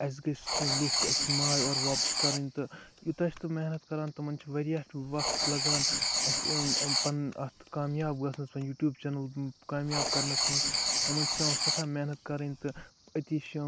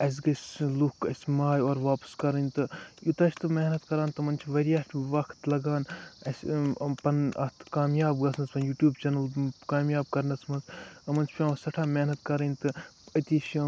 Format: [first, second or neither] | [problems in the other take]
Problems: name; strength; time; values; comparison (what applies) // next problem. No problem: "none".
second | background sound (Writing); 1 dB above the speech